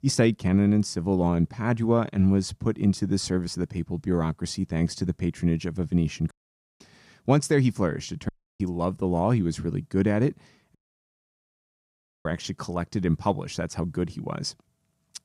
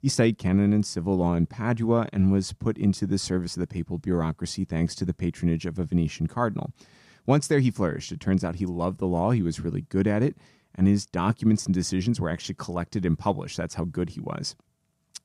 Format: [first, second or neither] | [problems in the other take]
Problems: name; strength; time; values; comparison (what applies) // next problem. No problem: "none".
second | audio cutting out; at 6.5 s, at 8.5 s and at 11 s for 1.5 s